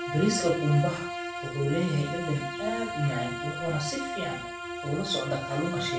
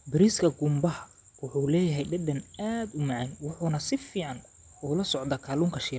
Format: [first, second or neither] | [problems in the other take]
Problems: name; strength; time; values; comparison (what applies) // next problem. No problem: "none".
second | background sound (Bowed string instrument); 5 dB below the speech // room echo; dies away in 0.3 s